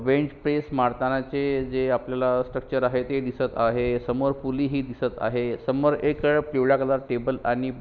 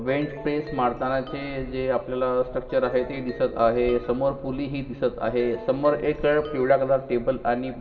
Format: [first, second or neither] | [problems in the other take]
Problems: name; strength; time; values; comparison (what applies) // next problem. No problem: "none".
first | background sound (Ringtone); 19 dB below the speech // room echo; dies away in 2.6 s